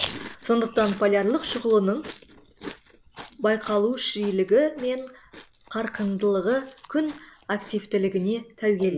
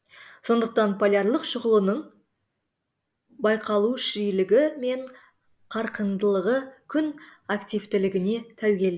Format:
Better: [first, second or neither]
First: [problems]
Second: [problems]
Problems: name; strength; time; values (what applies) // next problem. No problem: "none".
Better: second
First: background sound (Chewing, mastication); 16 dB below the speech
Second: none